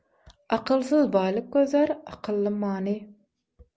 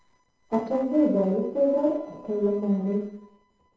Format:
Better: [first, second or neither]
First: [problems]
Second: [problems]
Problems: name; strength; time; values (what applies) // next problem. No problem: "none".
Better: first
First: none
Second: noise reduction (neural separator model SepFormer DNS4)